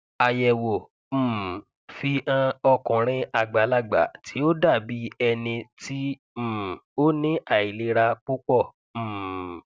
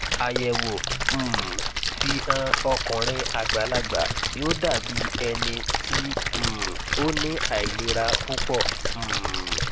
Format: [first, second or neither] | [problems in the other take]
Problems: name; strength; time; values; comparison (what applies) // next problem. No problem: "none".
first | background sound (Splash, splatter); 3 dB above the speech